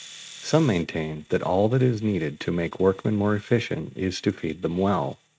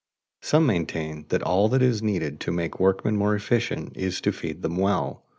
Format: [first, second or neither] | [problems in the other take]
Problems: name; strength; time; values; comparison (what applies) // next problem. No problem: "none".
second | noise reduction (neural mask model RNNoise)